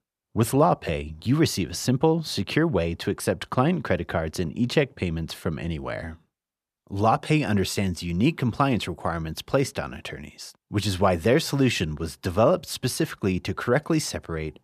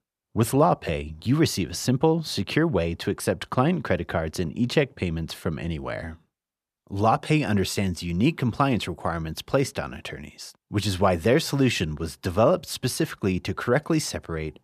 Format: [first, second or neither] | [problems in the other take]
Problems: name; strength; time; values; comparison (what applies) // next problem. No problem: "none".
neither | none